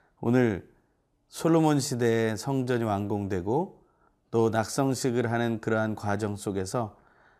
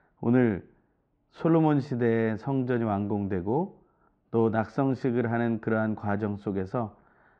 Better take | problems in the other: first | muffled; very; fading above 2.5 kHz

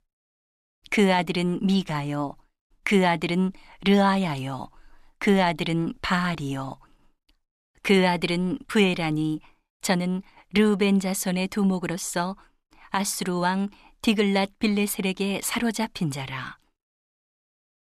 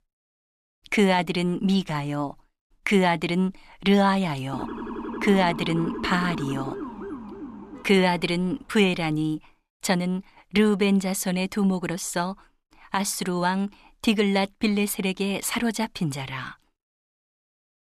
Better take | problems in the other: first | siren; noticeable; from 4.5 to 8.5 s; peak 8 dB below the speech

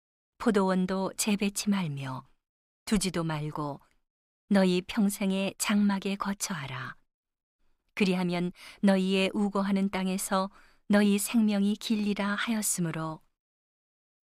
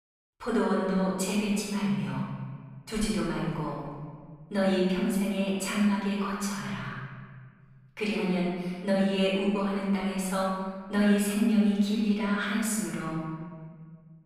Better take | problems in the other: first | off-mic speech; far // room echo; strong; dies away in 1.8 s

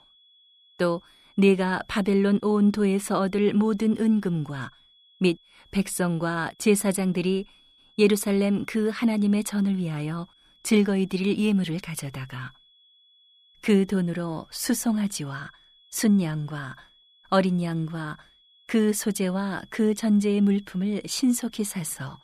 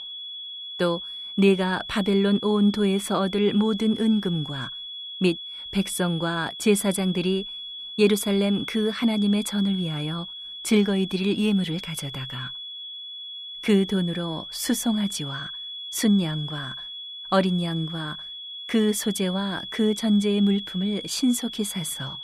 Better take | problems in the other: first | high-pitched whine; loud; throughout; 3.5 kHz, 9 dB below the speech; faint in the first

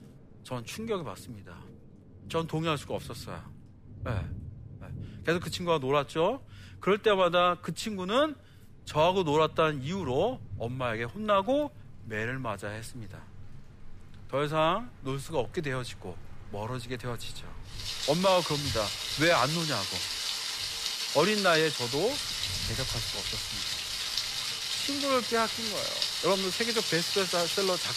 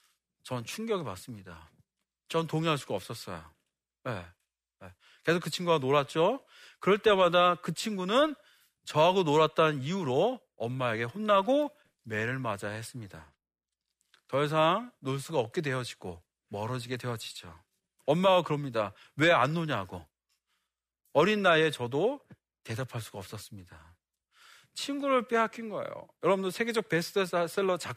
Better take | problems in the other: second | rain or running water; loud; throughout; 2 dB below the speech

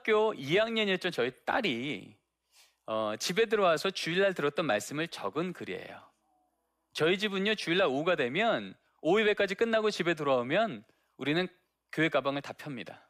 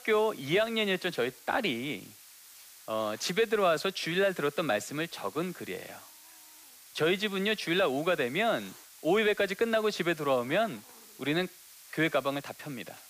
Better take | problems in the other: first | hiss; noticeable; throughout; 20 dB below the speech

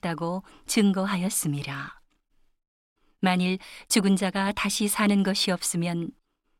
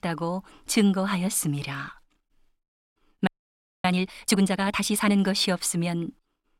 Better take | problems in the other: first | audio freezing; at 3.5 s for 0.5 s

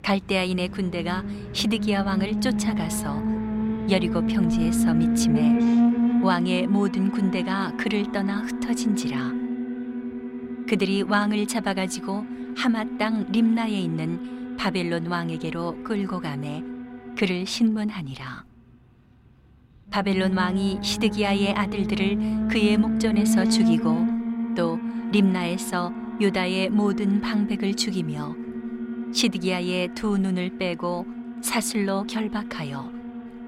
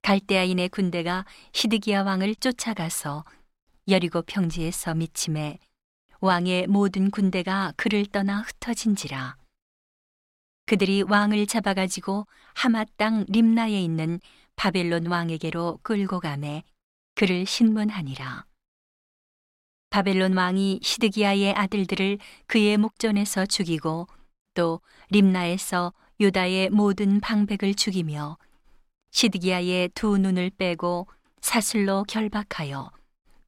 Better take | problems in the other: second | alarms or sirens; loud; throughout; 2 dB below the speech

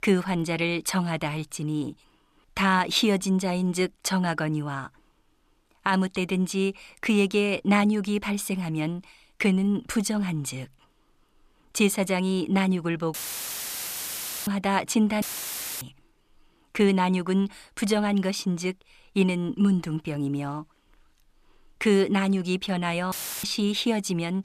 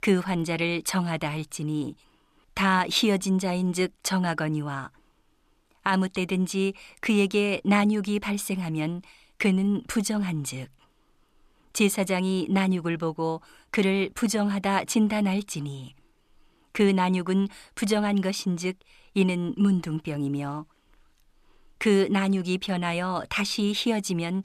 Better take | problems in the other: second | audio cutting out; filled with static; at 13 s for 1.5 s, at 15 s for 0.5 s and at 23 s

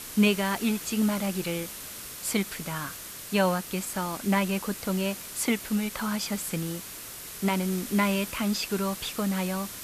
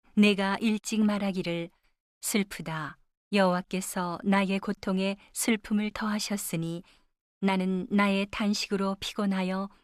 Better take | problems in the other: second | hiss; loud; throughout; 9 dB below the speech

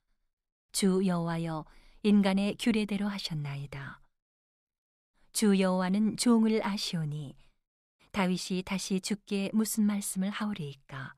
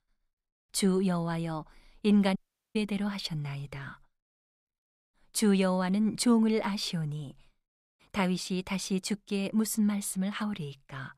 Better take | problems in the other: first | audio cutting out; at 2.5 s

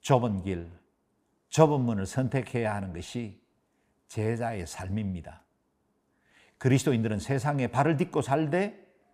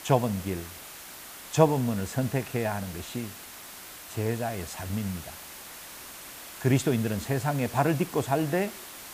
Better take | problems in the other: first | hiss; noticeable; throughout; 15 dB below the speech

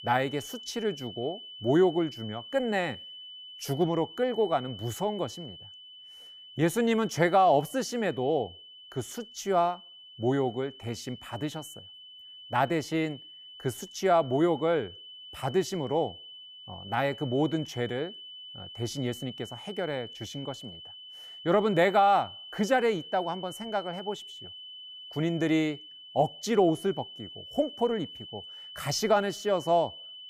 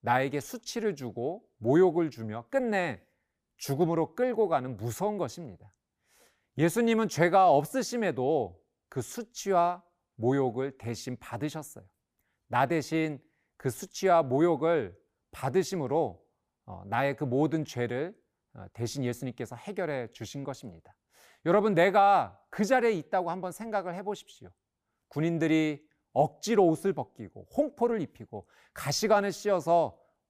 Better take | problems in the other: second | high-pitched whine; noticeable; throughout; 3 kHz, 15 dB below the speech

